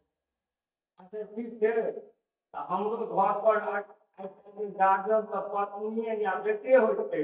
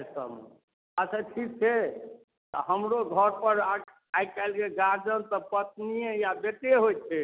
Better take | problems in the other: second | noise reduction (neural mask model DeepFilterNet 3)

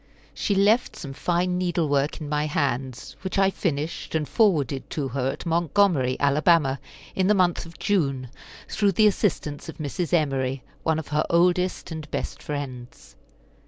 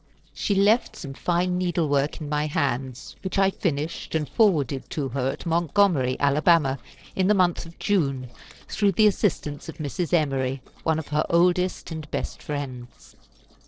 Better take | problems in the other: first | noise reduction (neural separator model SepFormer DNS4)

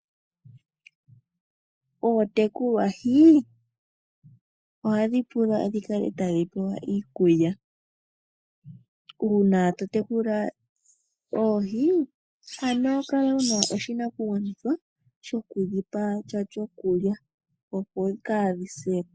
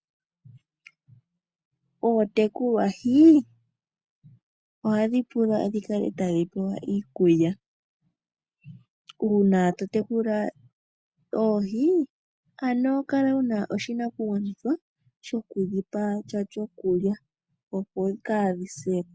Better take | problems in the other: second | noise reduction (neural mask model Resemble Enhance denoiser)

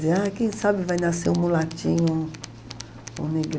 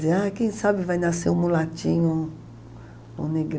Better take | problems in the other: second | background sound (Tools); 19 dB below the speech

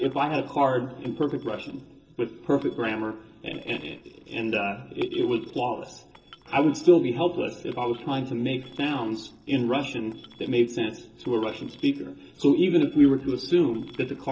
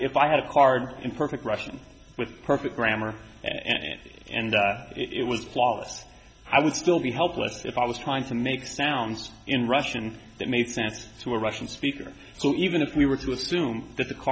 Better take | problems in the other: second | noise reduction (neural separator model SepFormer DNS4)

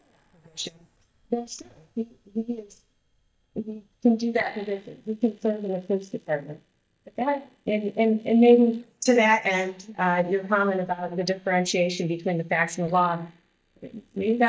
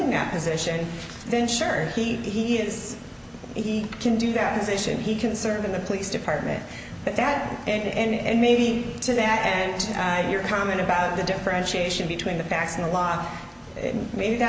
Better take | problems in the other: second | noise reduction (neural mask model DeepFilterNet 3)

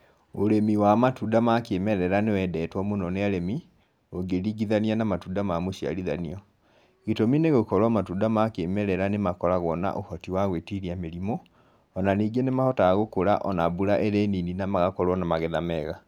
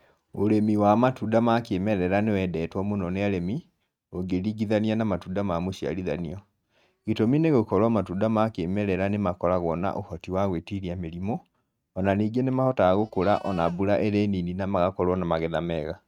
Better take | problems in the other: first | noise reduction (neural mask model RNNoise)

